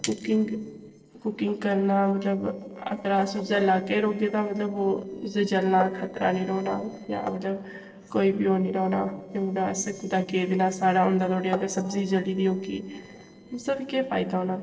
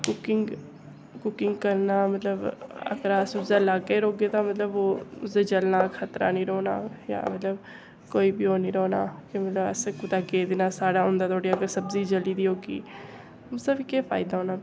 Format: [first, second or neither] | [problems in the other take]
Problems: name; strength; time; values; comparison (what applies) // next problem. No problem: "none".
second | noise reduction (neural separator model SepFormer DNS4)